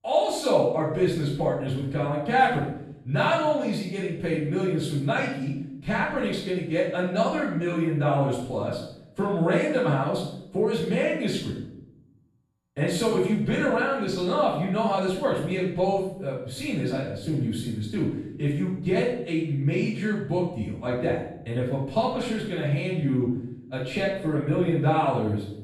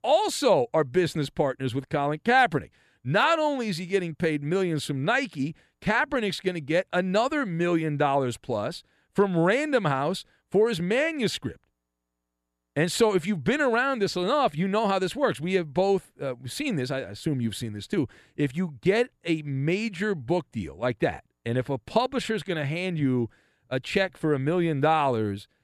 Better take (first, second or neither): second